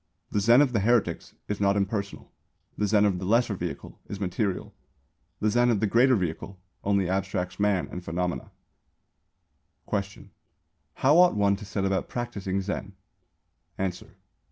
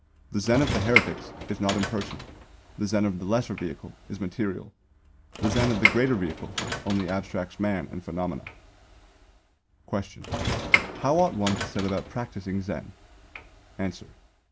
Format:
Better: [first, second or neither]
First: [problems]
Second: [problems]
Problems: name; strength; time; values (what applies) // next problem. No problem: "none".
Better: first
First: none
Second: background sound (Sliding door / Train); 3 dB below the speech